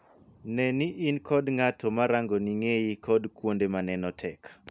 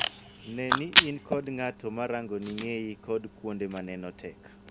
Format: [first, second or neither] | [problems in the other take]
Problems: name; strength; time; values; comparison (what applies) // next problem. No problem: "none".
first | background sound (Packing tape, duct tape / Tearing); 2 dB above the speech